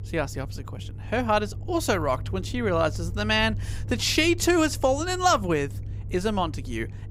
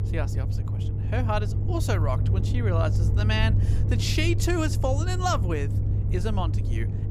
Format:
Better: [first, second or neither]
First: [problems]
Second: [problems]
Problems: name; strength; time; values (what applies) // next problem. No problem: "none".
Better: first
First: low rumble; faint; throughout; 25 dB below the speech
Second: low rumble; loud; throughout; 9 dB below the speech